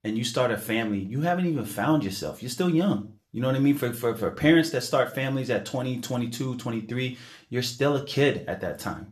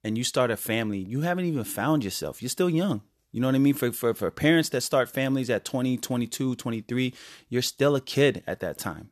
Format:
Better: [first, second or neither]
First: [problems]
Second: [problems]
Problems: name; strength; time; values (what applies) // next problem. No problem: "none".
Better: second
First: room echo; very slight; dies away in 0.3 s // off-mic speech; somewhat distant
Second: none